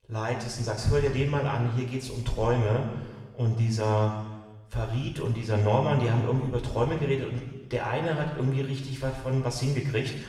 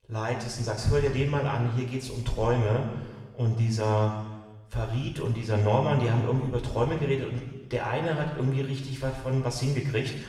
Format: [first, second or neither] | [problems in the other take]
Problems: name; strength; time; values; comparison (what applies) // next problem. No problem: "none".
neither | room echo; noticeable; dies away in 1.2 s; the same in both // off-mic speech; far; the same in both